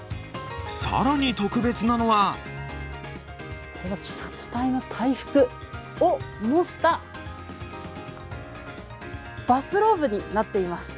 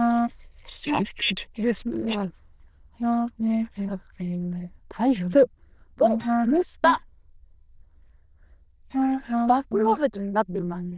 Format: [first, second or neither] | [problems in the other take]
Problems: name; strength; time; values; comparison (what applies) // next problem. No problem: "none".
first | noise reduction (neural diffusion model UNIVERSE++)